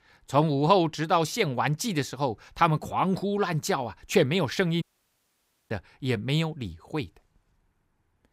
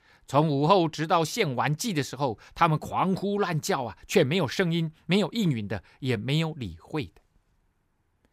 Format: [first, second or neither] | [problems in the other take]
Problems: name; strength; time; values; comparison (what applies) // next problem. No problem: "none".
second | audio cutting out; at 5 s for 1 s